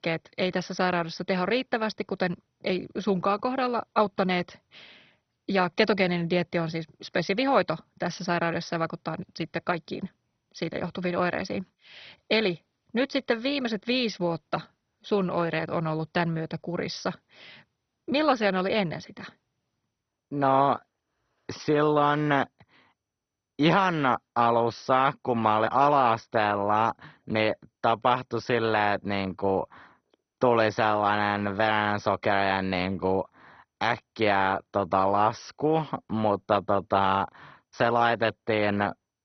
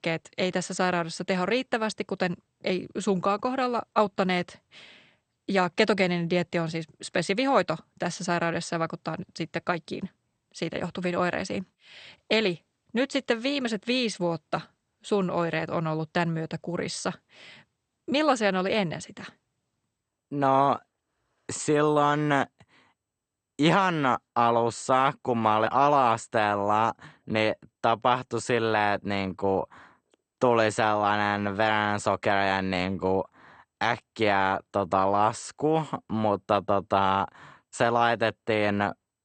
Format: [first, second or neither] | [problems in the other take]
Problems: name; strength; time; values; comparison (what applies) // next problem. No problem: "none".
second | garbled, watery; badly; nothing above 6 kHz; slightly in the second